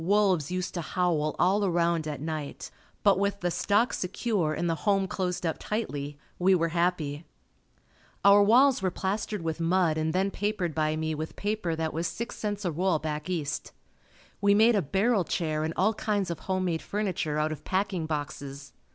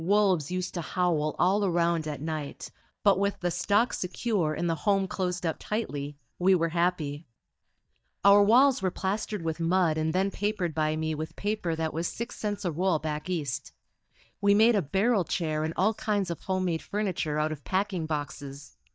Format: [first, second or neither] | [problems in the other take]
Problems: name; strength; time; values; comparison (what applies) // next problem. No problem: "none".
first | noise reduction (neural mask model DeepFilterNet 3)